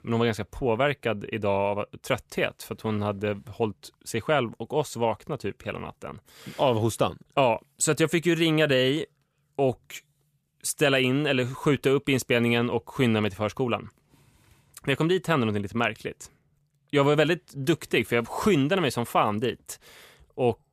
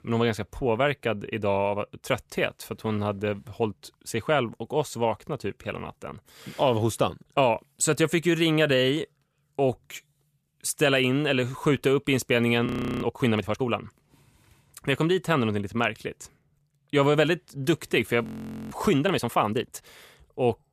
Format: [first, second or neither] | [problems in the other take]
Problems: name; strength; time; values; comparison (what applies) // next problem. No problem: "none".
first | audio freezing; at 13 s and at 18 s